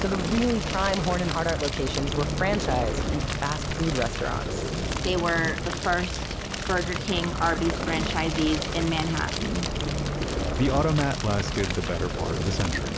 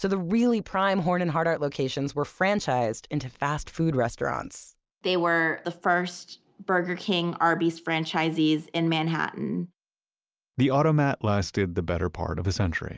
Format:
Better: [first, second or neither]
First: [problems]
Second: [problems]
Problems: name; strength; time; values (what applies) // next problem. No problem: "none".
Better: second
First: background sound (Fire); as loud as the speech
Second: none